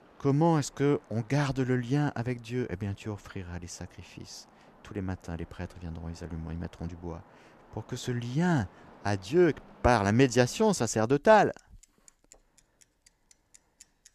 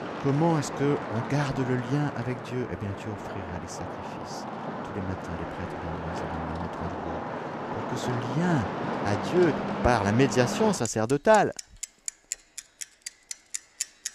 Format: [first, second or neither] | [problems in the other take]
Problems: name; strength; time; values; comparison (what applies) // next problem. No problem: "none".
first | traffic noise; loud; throughout; 7 dB below the speech; faint in the first